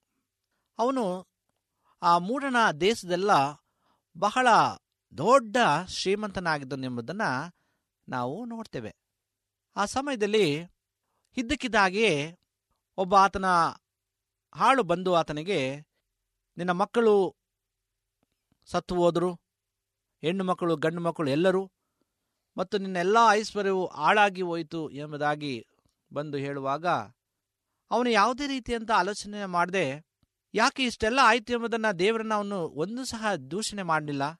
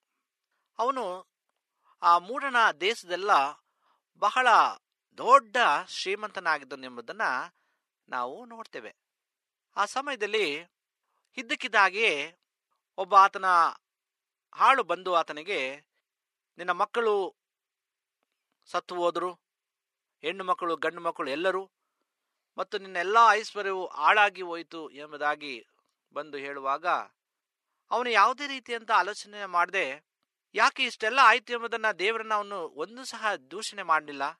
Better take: first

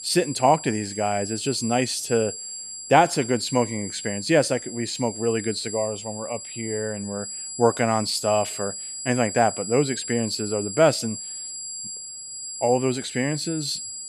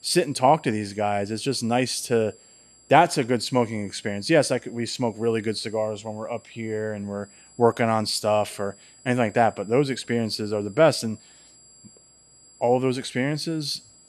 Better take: second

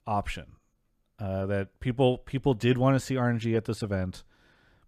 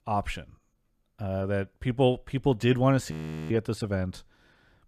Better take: first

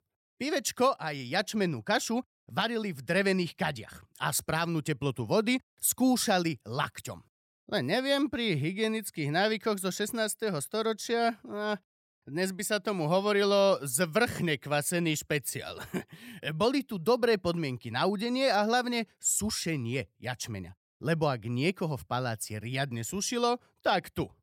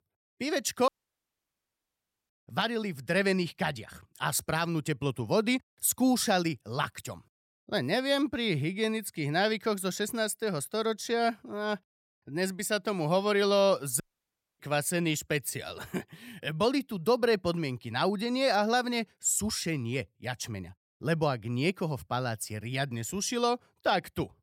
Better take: first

